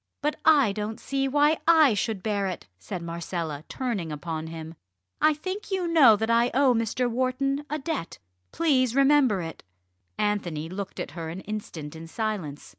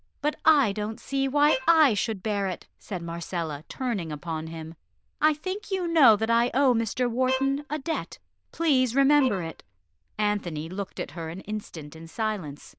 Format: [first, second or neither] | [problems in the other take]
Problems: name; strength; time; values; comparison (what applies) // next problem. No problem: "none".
first | noise reduction (neural diffusion model UNIVERSE++)